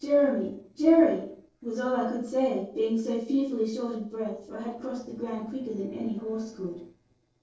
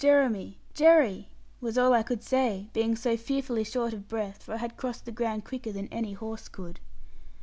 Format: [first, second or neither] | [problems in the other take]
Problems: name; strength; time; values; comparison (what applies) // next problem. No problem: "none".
second | noise reduction (neural separator model SepFormer DNS4)